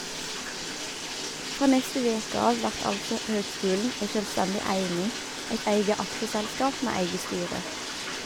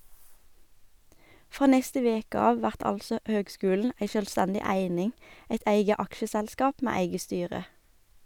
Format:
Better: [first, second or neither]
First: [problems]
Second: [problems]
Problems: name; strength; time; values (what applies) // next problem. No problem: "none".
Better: second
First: background sound (Bathtub (filling or washing)); 5 dB below the speech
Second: none